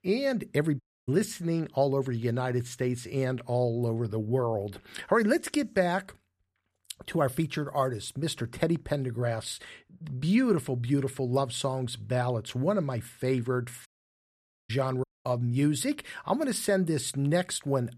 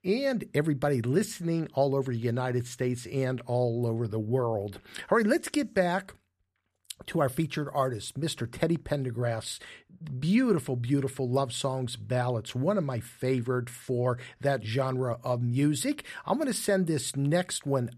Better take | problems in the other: second | audio cutting out; at 1 s, at 14 s for 1 s and at 15 s

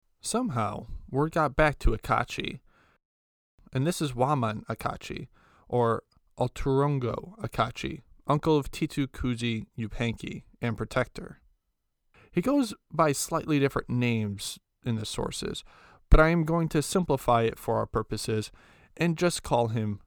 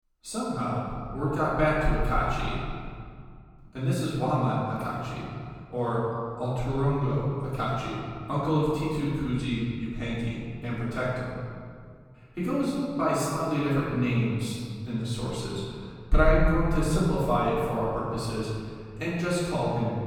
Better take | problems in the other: first | off-mic speech; far // room echo; strong; dies away in 2.1 s

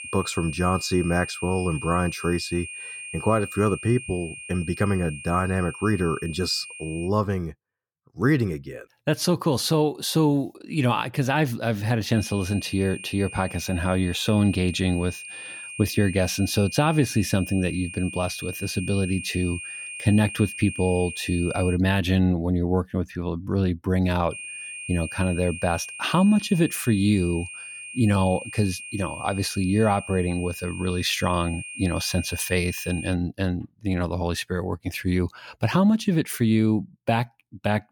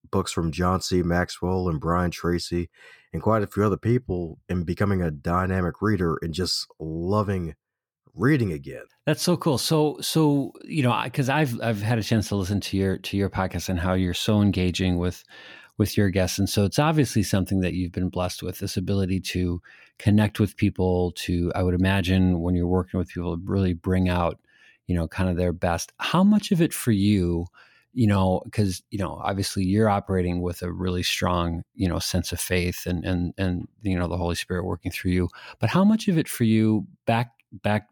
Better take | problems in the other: second | high-pitched whine; noticeable; until 7 s, from 12 to 22 s and from 24 to 33 s; 2.5 kHz, 10 dB below the speech

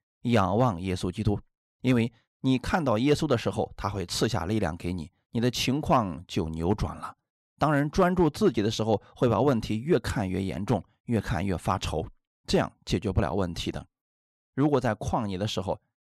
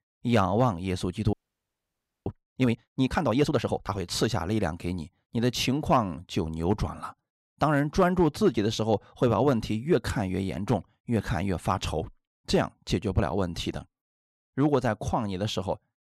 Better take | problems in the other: first | audio freezing; at 1.5 s for 1 s

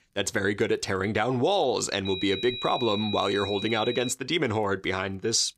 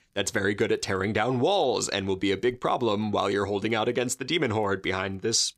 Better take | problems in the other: second | high-pitched whine; loud; from 2 to 4 s; 4 kHz, 7 dB below the speech

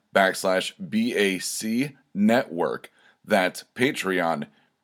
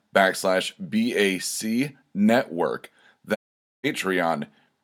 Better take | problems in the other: first | audio cutting out; at 3.5 s

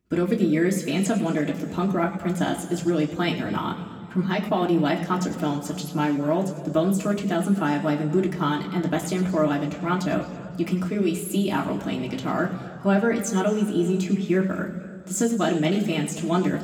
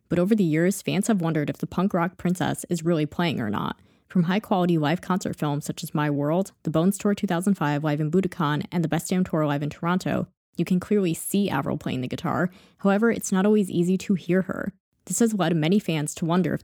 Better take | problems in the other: second | room echo; slight; dies away in 2.1 s // off-mic speech; somewhat distant

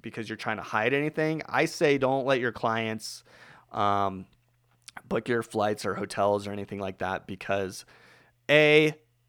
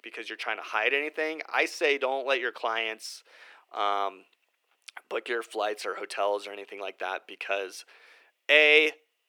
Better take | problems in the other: first | thin; very; fading below 350 Hz

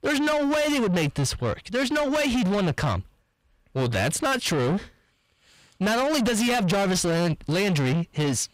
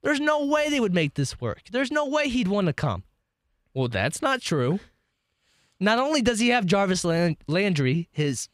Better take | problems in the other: second | distortion; heavy; 7 dB below the speech

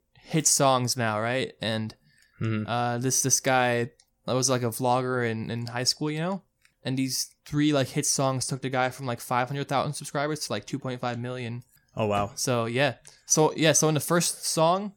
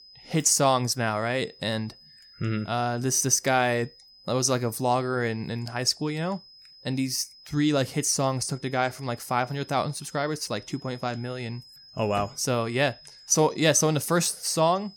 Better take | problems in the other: first | high-pitched whine; faint; throughout; 5 kHz, 25 dB below the speech

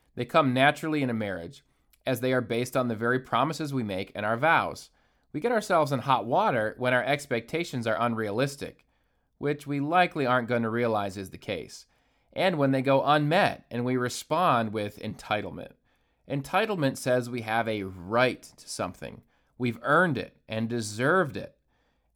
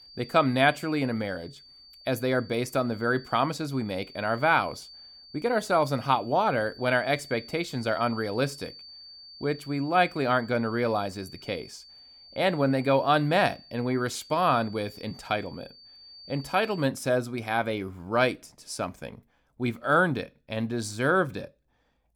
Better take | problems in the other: first | high-pitched whine; noticeable; until 17 s; 4.5 kHz, 20 dB below the speech

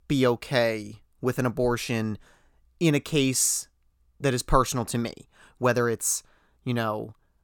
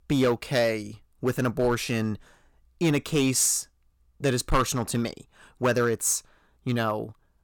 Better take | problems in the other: first | distortion; slight; 4% of the sound clipped

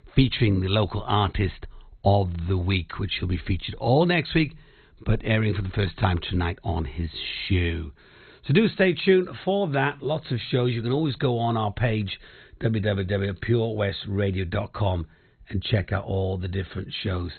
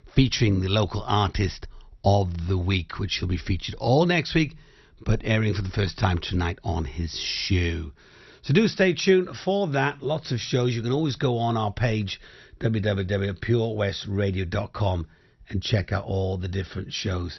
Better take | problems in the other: second | garbled, watery; badly; nothing above 4 kHz; slightly in the second

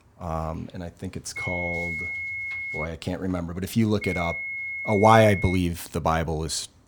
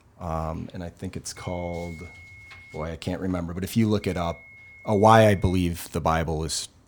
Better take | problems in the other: second | high-pitched whine; loud; from 1.5 to 3 s and from 4 to 5.5 s; 2 kHz, 5 dB below the speech; faint in the second

